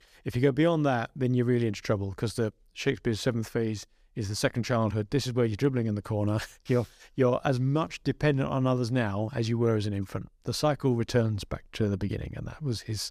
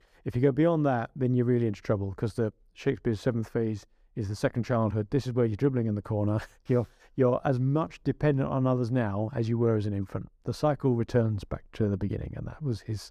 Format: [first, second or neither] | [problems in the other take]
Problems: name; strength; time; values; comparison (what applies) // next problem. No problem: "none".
first | muffled; slightly; fading above 2 kHz